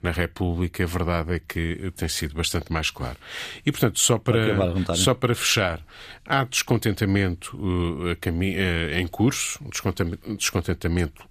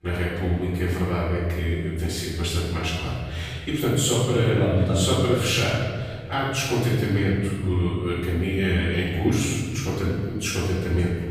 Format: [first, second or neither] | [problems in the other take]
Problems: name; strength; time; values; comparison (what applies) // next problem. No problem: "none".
first | room echo; strong; dies away in 2.2 s // off-mic speech; far